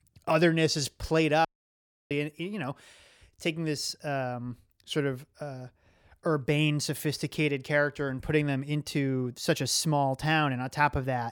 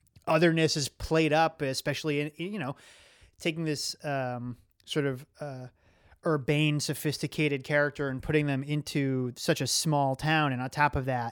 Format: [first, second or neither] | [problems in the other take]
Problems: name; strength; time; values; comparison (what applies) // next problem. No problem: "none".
second | audio cutting out; at 1.5 s for 0.5 s